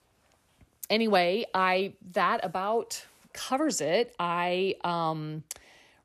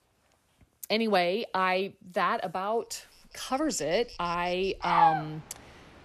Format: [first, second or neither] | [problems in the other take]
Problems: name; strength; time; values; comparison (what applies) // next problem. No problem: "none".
first | animal sounds; very loud; from 3.5 s on; 3 dB above the speech